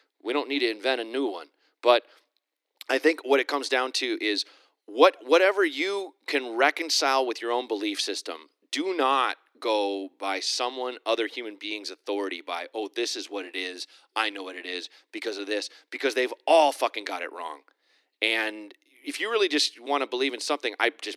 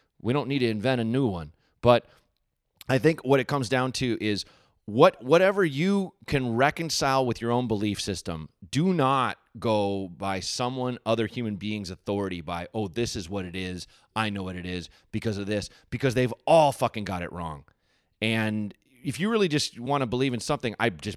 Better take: second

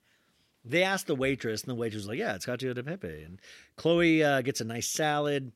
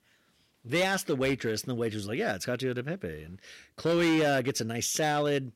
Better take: first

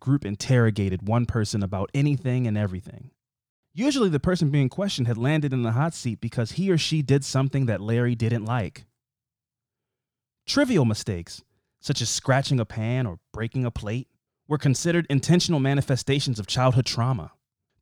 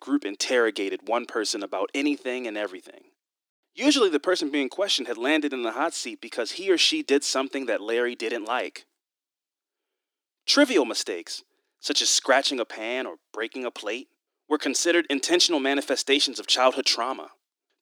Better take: first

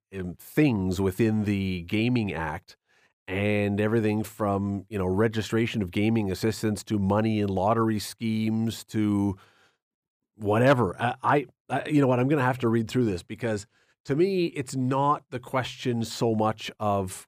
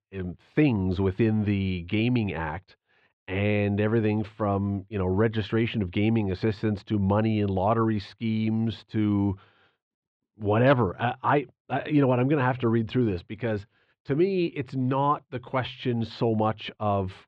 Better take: first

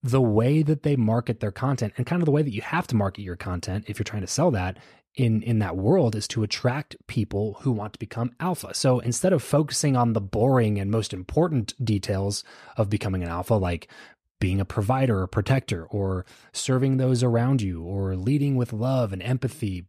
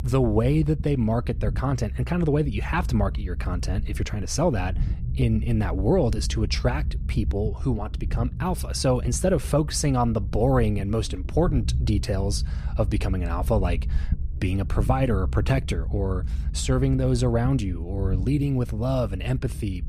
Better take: first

